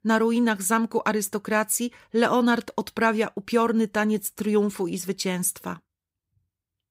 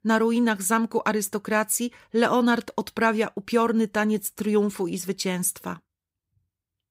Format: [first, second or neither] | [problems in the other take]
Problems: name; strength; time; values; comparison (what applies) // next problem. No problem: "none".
neither | none